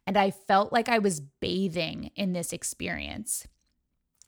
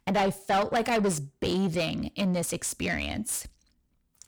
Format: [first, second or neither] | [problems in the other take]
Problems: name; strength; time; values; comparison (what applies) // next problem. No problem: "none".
first | distortion; heavy; 7 dB below the speech